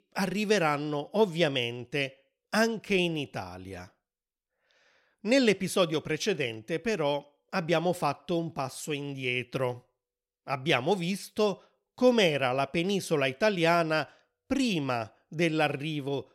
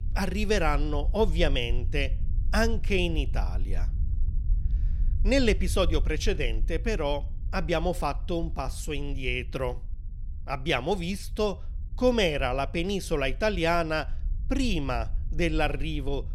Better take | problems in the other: first | low rumble; faint; throughout; 25 dB below the speech

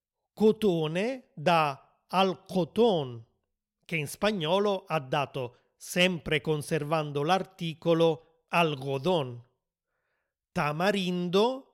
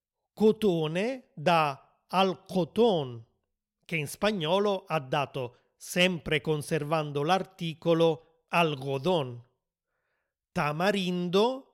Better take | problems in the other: neither | none

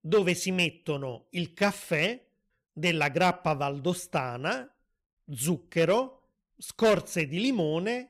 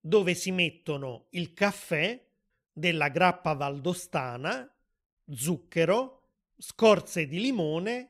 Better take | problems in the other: second | distortion; slight; 1.9% of the sound clipped

